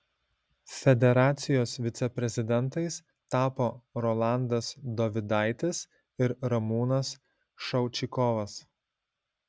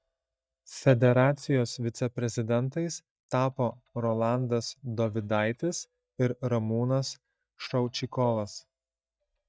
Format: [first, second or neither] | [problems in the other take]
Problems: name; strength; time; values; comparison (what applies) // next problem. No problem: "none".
first | noise reduction (neural mask model DeepFilterNet 3)